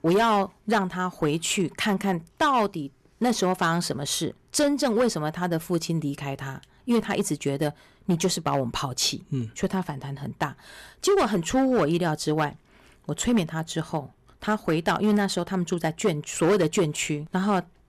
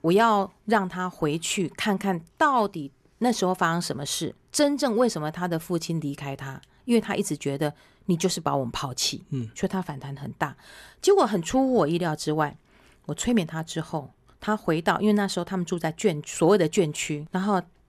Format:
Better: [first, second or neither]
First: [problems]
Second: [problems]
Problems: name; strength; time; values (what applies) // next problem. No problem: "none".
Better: second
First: distortion; slight; 5% of the sound clipped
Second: none